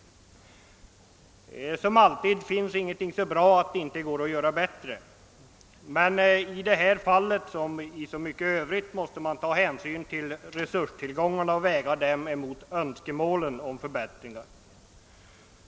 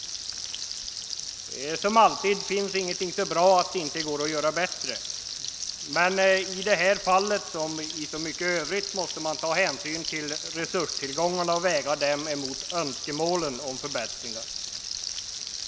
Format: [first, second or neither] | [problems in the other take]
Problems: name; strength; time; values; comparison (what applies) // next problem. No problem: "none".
first | background sound (Frying (food)); 7 dB below the speech